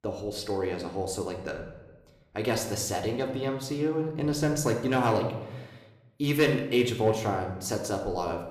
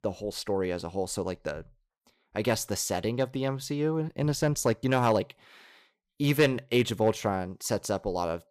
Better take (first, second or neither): second